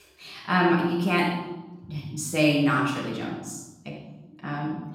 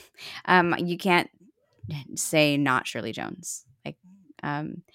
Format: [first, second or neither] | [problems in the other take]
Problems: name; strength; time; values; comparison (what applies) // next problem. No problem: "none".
second | off-mic speech; far // room echo; noticeable; dies away in 1 s